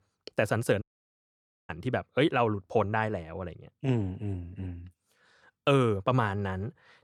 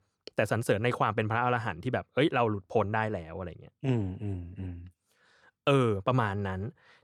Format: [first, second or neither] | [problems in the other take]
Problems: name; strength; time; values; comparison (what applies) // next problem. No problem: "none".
second | audio cutting out; at 1 s for 1 s